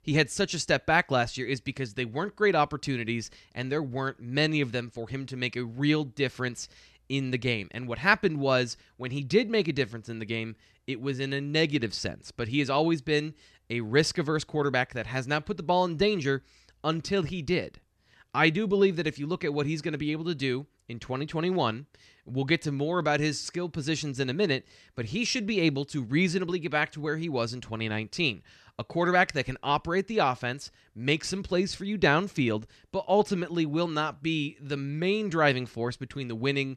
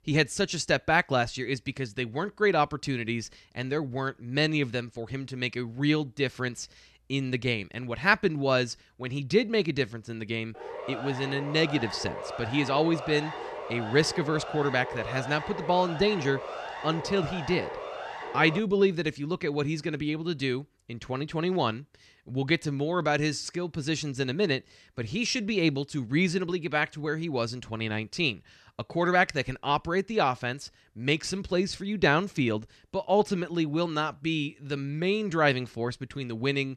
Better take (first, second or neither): first